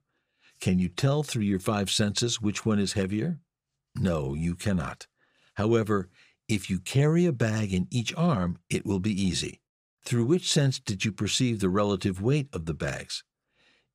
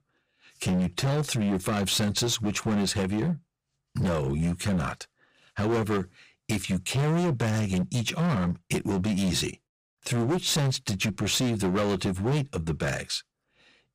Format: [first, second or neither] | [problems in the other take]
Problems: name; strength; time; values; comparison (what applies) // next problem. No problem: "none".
first | distortion; heavy; 18% of the sound clipped